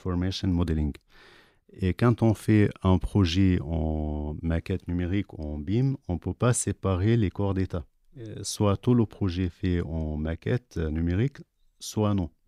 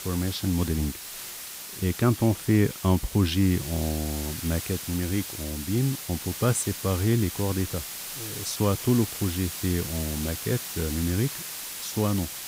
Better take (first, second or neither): first